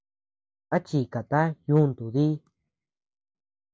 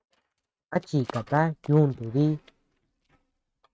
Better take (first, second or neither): first